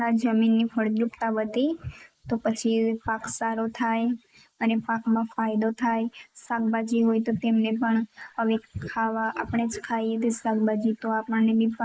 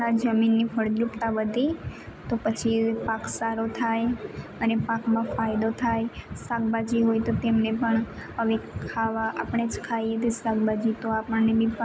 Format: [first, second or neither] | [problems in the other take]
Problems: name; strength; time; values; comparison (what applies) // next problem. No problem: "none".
second | noise reduction (neural mask model Resemble Enhance denoiser)